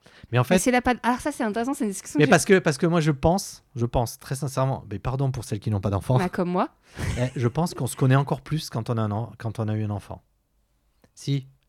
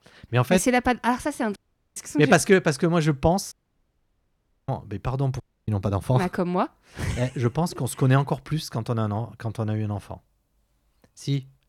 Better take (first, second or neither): first